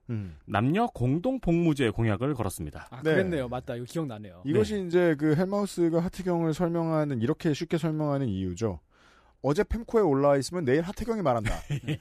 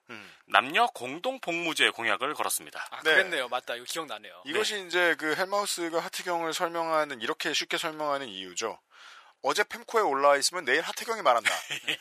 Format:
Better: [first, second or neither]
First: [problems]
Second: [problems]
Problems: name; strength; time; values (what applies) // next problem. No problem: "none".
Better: first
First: none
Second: thin; very; fading below 1 kHz